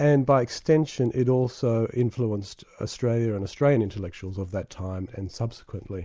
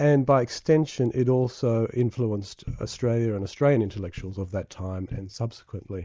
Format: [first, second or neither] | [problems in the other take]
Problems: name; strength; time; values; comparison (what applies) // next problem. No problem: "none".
first | noise reduction (neural mask model DeepFilterNet 3)